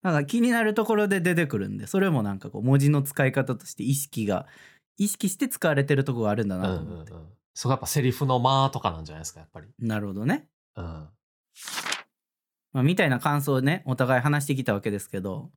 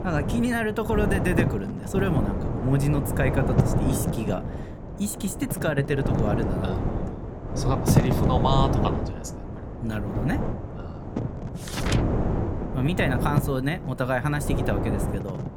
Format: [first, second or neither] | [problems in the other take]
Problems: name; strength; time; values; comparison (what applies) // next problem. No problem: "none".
first | wind noise on the microphone; heavy; 3 dB below the speech